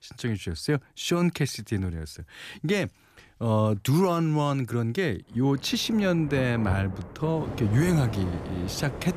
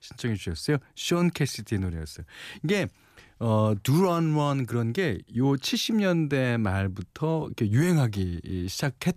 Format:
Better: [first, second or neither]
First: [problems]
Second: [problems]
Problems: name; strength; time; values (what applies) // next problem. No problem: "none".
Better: second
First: rain or running water; noticeable; from 5.5 s on; 10 dB below the speech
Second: none